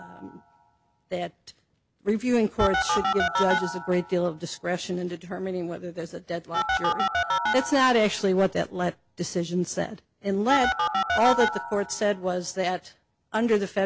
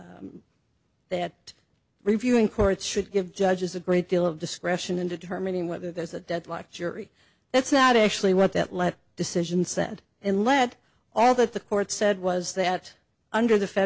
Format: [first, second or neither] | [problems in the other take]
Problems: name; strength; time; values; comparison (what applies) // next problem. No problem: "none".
second | background sound (Telephone); 4 dB below the speech